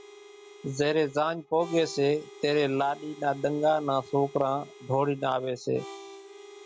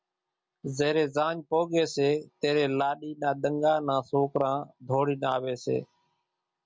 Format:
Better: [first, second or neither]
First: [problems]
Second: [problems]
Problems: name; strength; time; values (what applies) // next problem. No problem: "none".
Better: second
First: background sound (Harmonica); 19 dB below the speech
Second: none